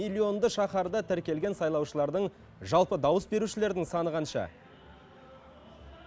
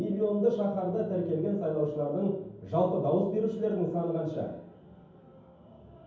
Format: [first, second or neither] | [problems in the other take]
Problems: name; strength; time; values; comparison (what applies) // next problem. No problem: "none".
first | room echo; dies away in 0.9 s